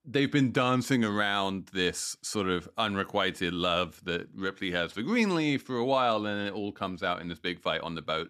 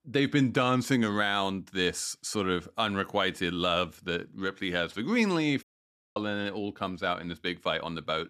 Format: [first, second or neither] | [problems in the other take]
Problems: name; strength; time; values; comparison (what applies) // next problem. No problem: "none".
first | audio cutting out; at 5.5 s for 0.5 s